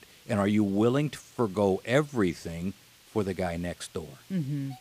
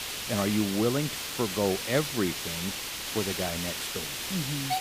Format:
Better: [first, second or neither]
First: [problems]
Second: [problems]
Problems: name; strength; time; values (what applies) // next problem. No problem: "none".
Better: first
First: hiss; faint; throughout; 25 dB below the speech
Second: hiss; loud; throughout; 1 dB below the speech